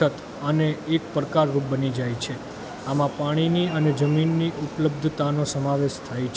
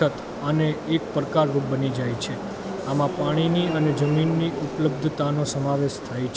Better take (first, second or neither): first